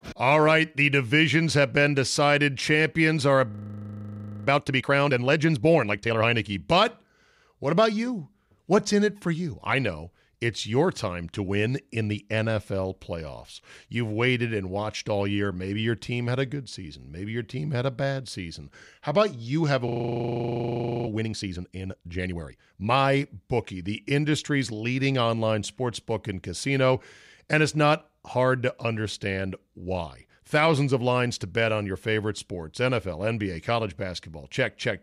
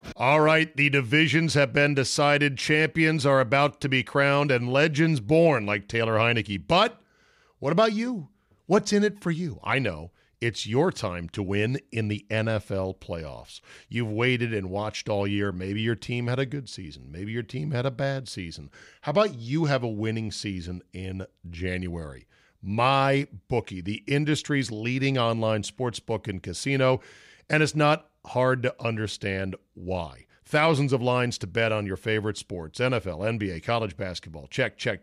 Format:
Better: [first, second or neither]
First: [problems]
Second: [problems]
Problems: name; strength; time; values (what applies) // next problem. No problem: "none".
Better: second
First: audio freezing; at 3.5 s for 1 s and at 20 s for 1 s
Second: none